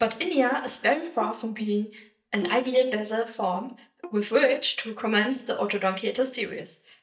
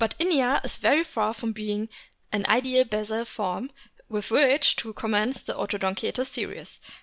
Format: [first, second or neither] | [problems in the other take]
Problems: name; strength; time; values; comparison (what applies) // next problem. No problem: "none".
second | noise reduction (neural mask model DeepFilterNet 3)